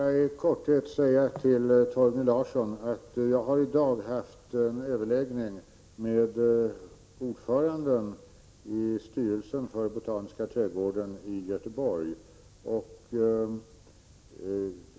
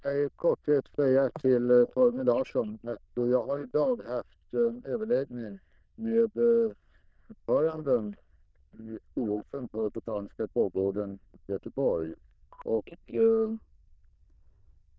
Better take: first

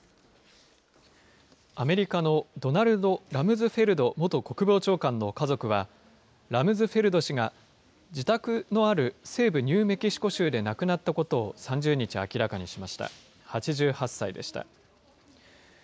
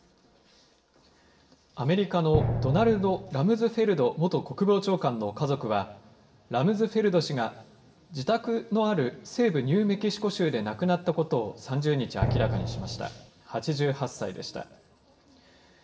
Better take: first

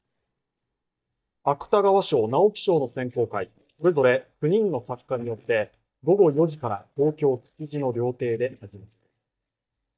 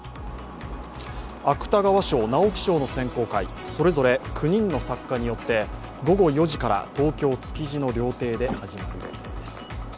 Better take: second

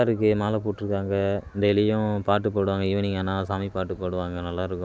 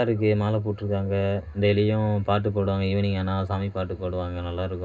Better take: first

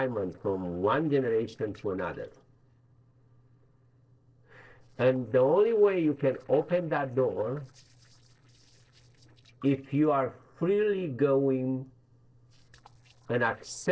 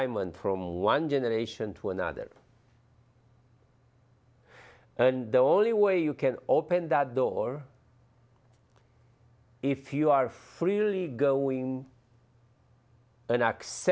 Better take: second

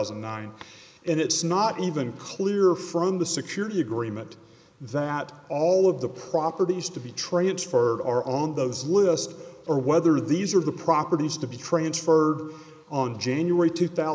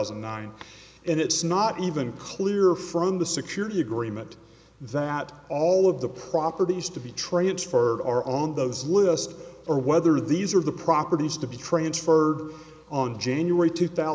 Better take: second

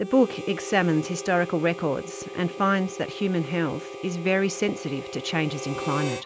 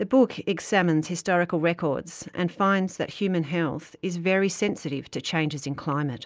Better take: second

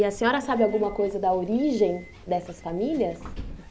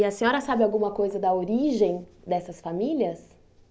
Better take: second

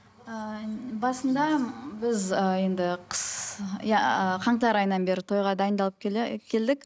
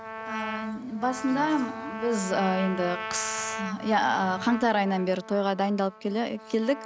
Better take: first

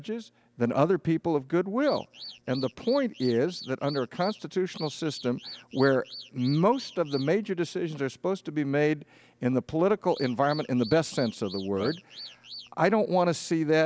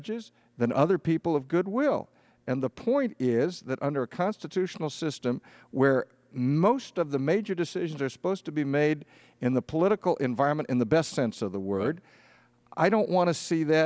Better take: second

